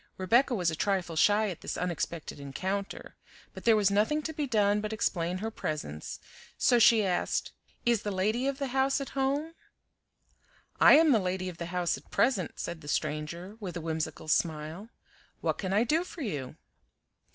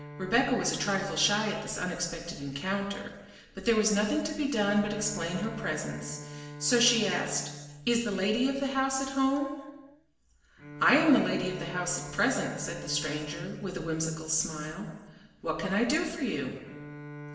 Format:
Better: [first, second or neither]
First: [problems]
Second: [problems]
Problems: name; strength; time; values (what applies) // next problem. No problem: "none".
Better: first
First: none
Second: background sound (Bowed string instrument); 15 dB below the speech // room echo; dies away in 1 s